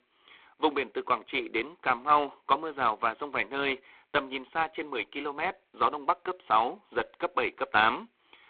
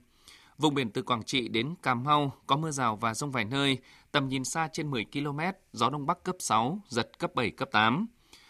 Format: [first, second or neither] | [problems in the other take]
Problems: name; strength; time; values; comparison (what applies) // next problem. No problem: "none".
second | phone-call audio; poor line; nothing above 3.5 kHz